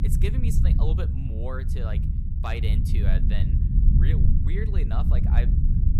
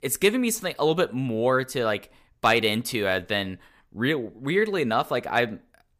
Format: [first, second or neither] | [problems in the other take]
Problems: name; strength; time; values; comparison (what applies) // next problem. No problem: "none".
second | low rumble; loud; throughout; 1 dB below the speech